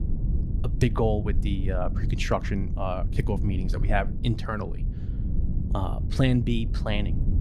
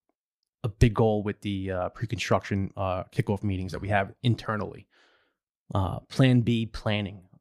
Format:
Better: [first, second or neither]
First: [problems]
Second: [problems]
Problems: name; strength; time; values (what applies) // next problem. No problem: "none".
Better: second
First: low rumble; noticeable; throughout; 10 dB below the speech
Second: none